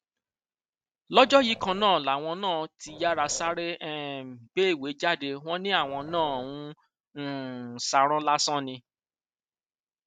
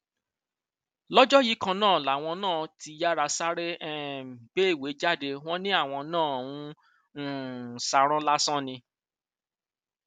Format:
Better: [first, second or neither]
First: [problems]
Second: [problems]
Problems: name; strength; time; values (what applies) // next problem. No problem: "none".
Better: second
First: noise reduction (neural mask model RNNoise)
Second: none